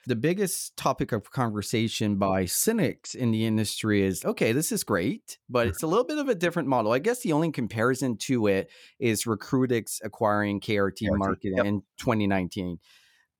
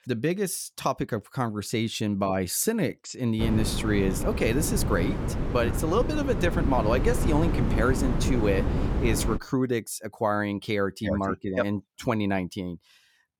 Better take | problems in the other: first | wind noise on the microphone; heavy; from 3.5 to 9.5 s; 6 dB below the speech

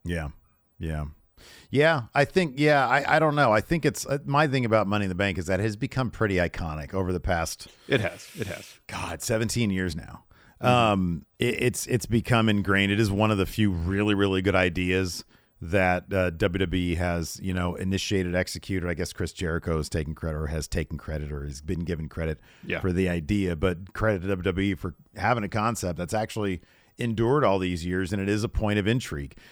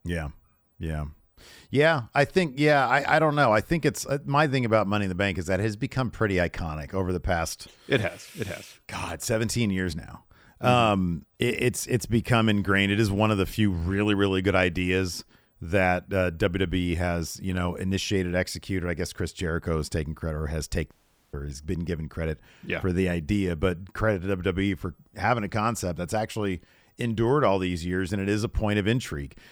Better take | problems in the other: first | audio cutting out; at 21 s

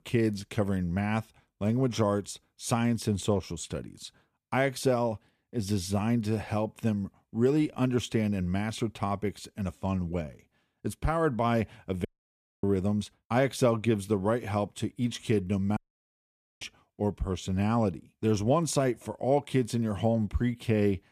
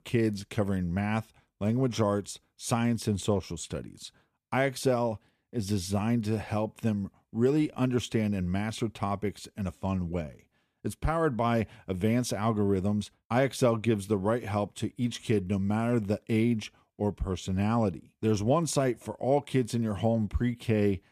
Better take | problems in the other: second | audio cutting out; at 12 s for 0.5 s and at 16 s for 1 s

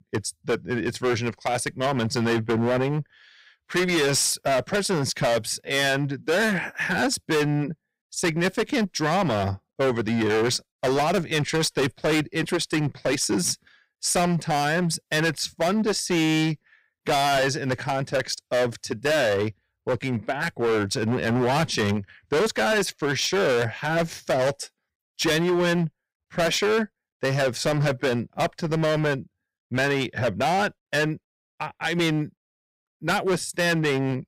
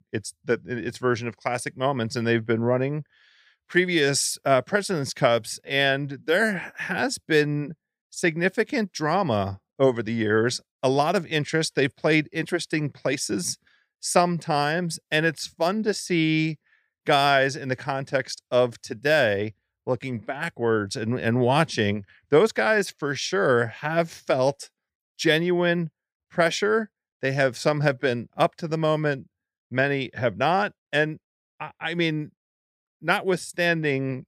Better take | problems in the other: second | distortion; heavy; 17% of the sound clipped

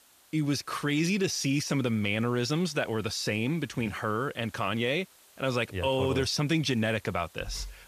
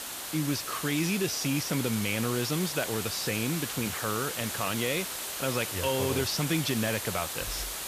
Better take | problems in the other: first | hiss; loud; throughout; 3 dB below the speech; faint in the first

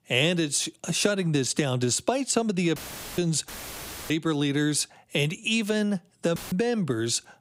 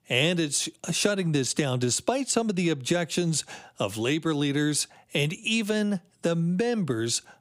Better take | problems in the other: second | audio cutting out; filled with static; at 3 s, at 3.5 s for 0.5 s and at 6.5 s

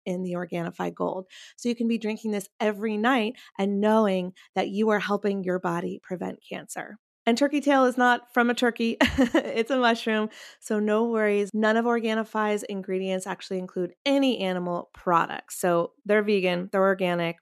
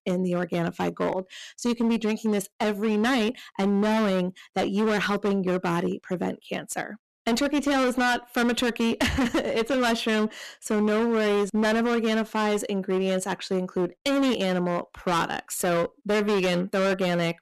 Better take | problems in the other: first | distortion; heavy; 23% of the sound clipped

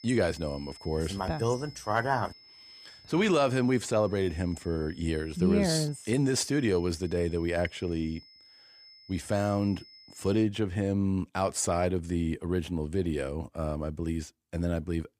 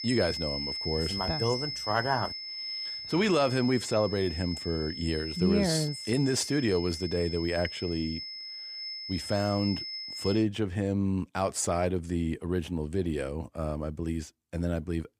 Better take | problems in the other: first | high-pitched whine; loud; until 10 s; 5 kHz, 6 dB below the speech; faint in the first

